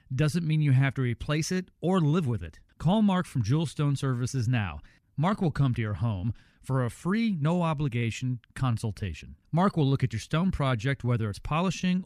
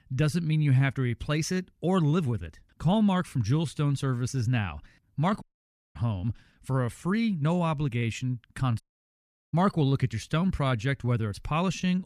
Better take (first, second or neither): first